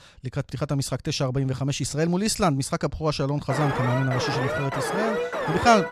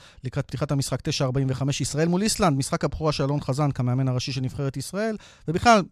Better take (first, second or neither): second